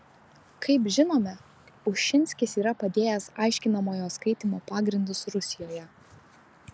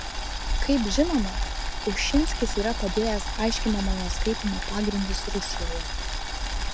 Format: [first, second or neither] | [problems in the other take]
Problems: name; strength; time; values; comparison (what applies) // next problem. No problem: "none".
first | background sound (Boiling); as loud as the speech